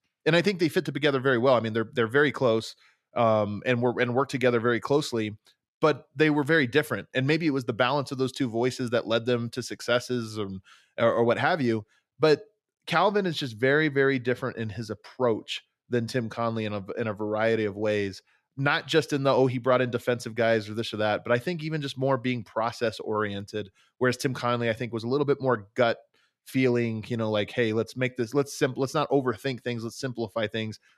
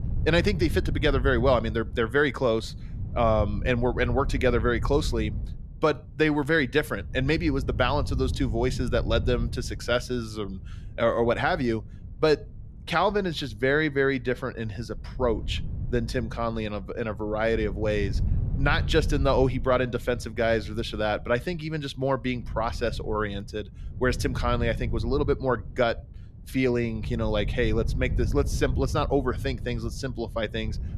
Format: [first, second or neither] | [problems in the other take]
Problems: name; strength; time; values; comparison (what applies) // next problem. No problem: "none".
first | wind noise on the microphone; occasional gusts; 20 dB below the speech